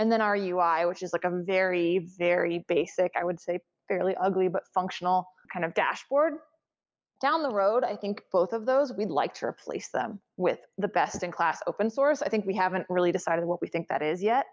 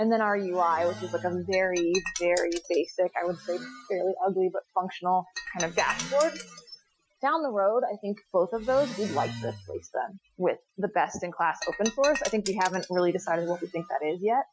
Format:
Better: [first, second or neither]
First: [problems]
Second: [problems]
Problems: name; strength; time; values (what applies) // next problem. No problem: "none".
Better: first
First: none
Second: noise reduction (classical method Wiener filter)